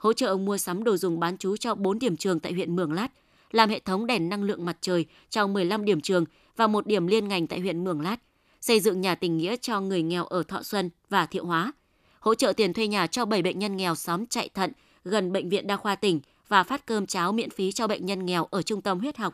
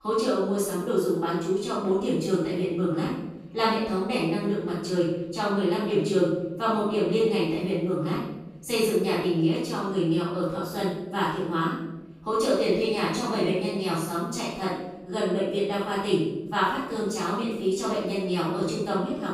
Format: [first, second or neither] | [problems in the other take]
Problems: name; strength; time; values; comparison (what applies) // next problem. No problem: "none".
first | room echo; strong; dies away in 1.1 s // off-mic speech; far